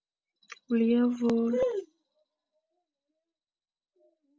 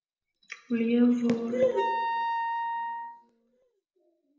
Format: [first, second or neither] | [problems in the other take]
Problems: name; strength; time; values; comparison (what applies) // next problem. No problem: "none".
first | background sound (Wind instrument, woodwind instrument); 4 dB below the speech // room echo; dies away in 0.9 s